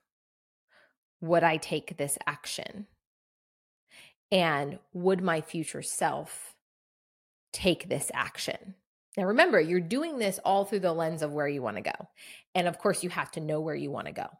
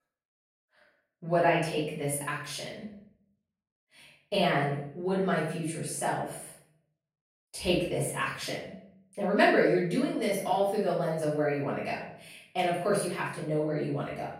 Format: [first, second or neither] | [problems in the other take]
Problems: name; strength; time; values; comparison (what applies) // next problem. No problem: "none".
first | off-mic speech; far // room echo; noticeable; dies away in 0.6 s